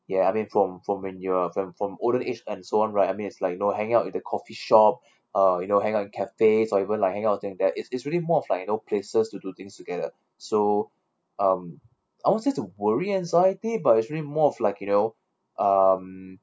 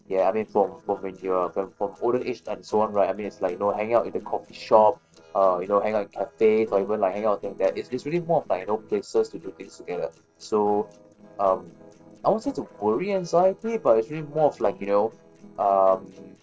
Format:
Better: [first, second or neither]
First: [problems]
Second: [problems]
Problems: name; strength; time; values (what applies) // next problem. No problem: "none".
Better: first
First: none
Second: noise reduction (neural separator model SepFormer DNS4)